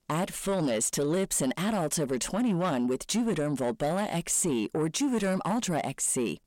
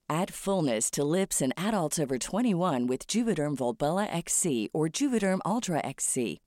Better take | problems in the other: second | distortion; slight; 10 dB below the speech

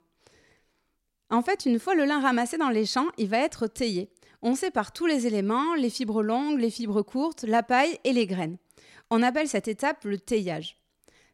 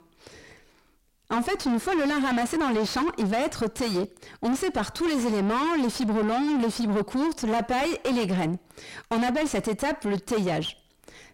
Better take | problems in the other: first | distortion; heavy; 4 dB below the speech

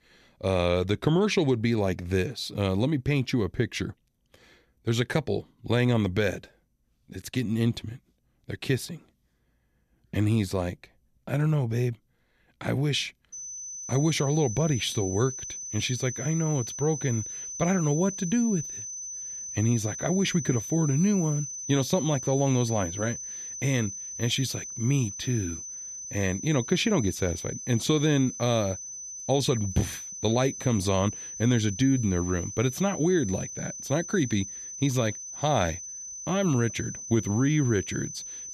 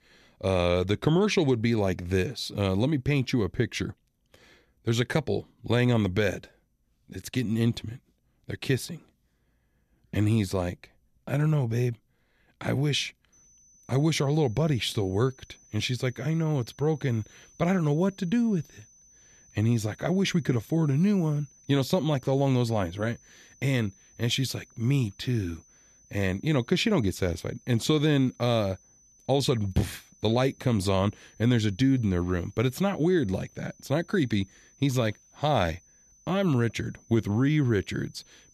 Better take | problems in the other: second | high-pitched whine; loud; from 13 s on; 6 kHz, 8 dB below the speech; faint in the second

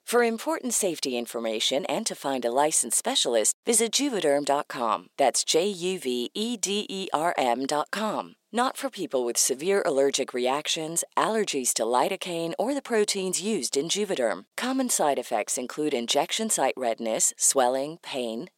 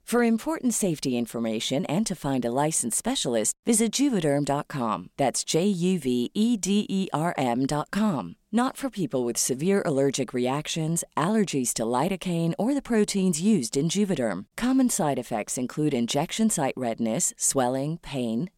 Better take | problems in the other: second | thin; somewhat; fading below 450 Hz

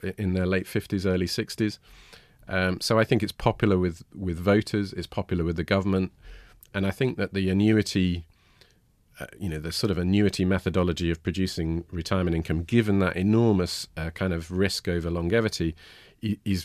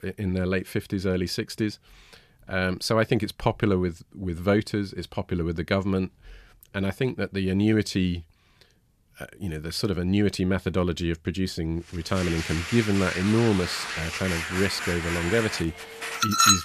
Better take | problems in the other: first | household noises; loud; from 12 s on; 2 dB below the speech

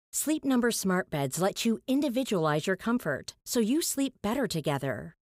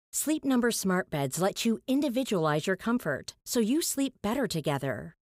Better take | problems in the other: neither | none

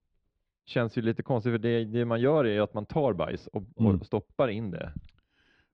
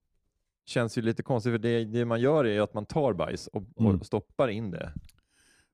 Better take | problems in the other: second | muffled; slightly; fading above 3.5 kHz

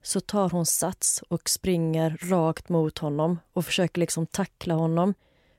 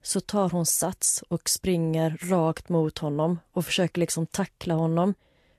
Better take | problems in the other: first | garbled, watery; slightly; nothing above 12.5 kHz

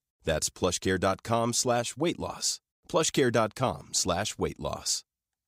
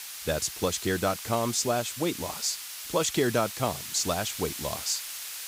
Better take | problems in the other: first | hiss; loud; throughout; 7 dB below the speech

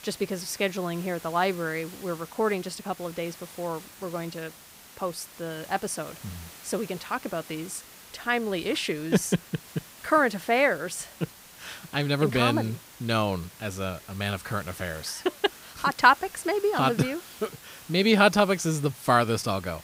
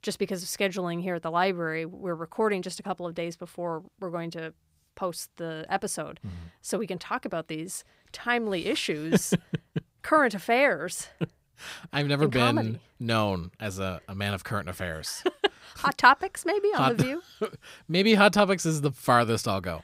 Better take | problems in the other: second | hiss; noticeable; throughout; 20 dB below the speech

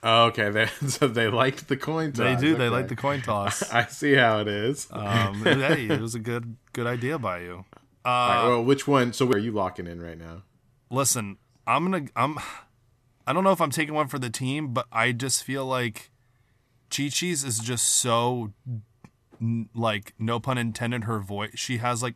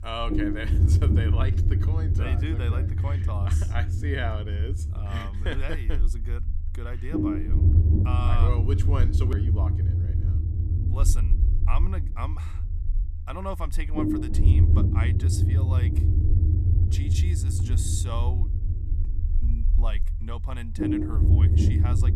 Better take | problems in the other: first | low rumble; loud; throughout; as loud as the speech

